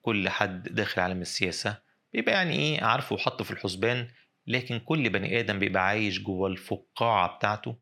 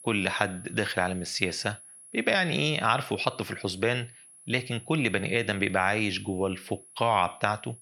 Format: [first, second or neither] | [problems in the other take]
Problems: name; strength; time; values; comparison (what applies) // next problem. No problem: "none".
first | high-pitched whine; noticeable; throughout; 10.5 kHz, 20 dB below the speech